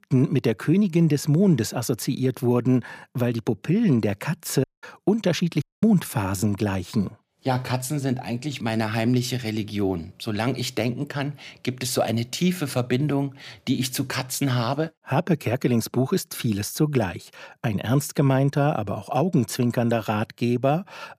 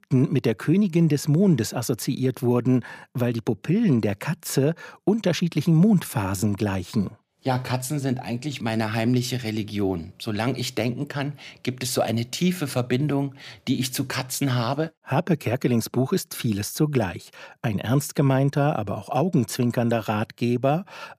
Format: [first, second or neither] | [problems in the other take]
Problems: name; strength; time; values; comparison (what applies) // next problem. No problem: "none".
second | audio cutting out; at 4.5 s and at 5.5 s